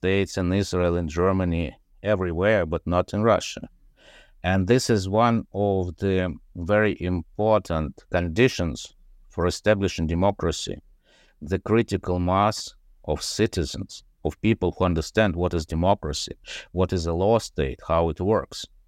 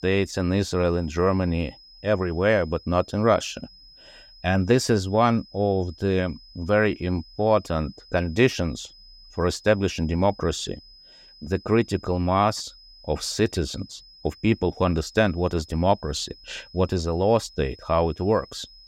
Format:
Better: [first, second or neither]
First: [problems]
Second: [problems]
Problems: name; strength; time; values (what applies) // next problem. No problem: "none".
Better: first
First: none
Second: high-pitched whine; faint; throughout; 5 kHz, 25 dB below the speech